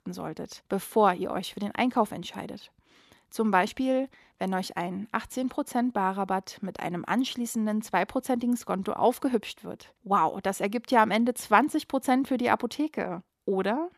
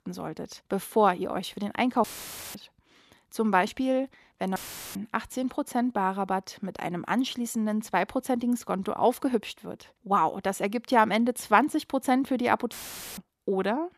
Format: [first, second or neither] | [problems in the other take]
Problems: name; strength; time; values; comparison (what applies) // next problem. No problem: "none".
first | audio cutting out; filled with static; at 2 s for 0.5 s, at 4.5 s and at 13 s